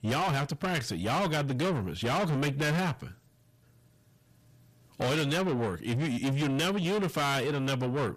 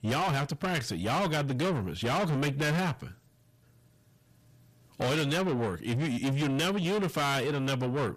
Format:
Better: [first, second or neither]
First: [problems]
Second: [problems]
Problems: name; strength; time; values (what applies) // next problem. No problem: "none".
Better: neither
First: distortion; heavy; 6 dB below the speech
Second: distortion; heavy; 6 dB below the speech